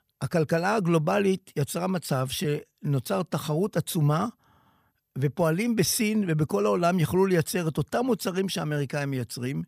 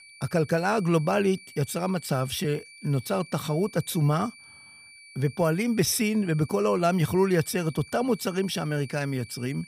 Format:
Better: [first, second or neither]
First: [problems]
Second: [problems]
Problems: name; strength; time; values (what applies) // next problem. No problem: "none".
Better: first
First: none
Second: high-pitched whine; faint; throughout; 2.5 kHz, 20 dB below the speech